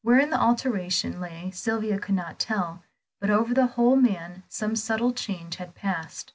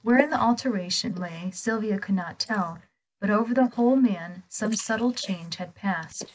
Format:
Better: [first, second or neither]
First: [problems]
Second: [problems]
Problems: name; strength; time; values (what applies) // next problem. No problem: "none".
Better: first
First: none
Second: noise reduction (neural mask model Resemble Enhance denoiser)